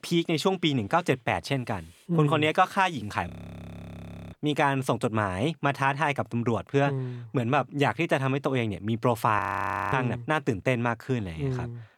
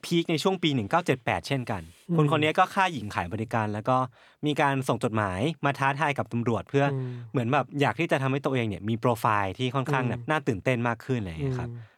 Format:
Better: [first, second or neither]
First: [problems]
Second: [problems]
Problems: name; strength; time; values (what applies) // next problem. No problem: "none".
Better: second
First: audio freezing; at 3.5 s for 1 s and at 9.5 s for 0.5 s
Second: none